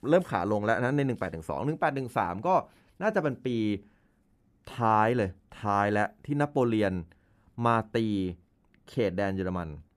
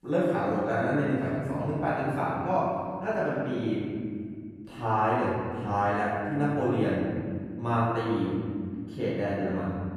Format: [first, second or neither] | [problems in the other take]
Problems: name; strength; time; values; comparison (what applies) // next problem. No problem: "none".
first | room echo; strong; dies away in 2.1 s // off-mic speech; far